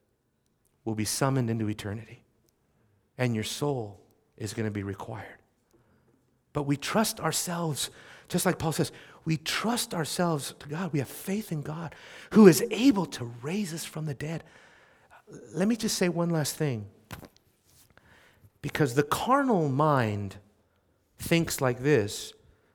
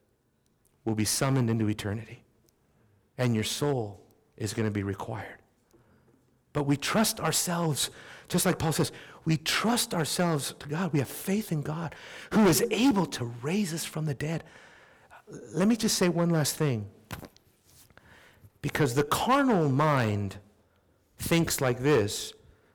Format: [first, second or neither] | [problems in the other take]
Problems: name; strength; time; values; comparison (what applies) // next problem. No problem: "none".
first | distortion; heavy; 3% of the sound clipped